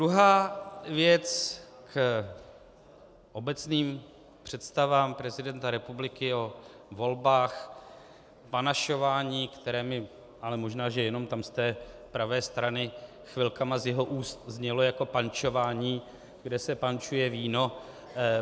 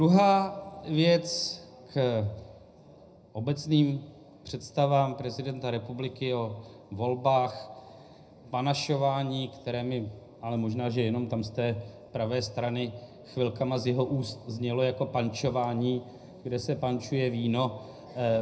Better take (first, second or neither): first